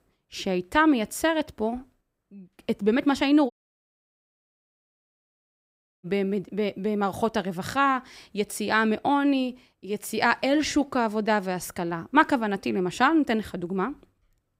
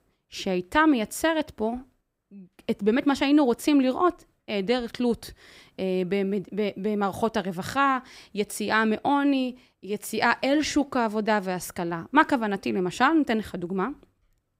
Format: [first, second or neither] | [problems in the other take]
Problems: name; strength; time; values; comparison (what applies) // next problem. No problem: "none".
second | audio cutting out; at 3.5 s for 2.5 s